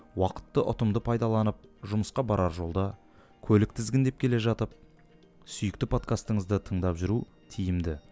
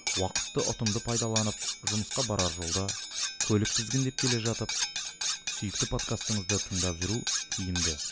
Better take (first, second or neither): first